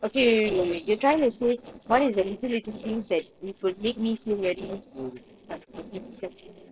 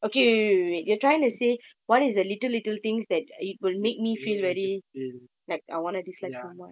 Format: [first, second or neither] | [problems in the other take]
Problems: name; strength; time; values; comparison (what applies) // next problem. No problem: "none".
second | noise reduction (neural separator model SepFormer DNS4)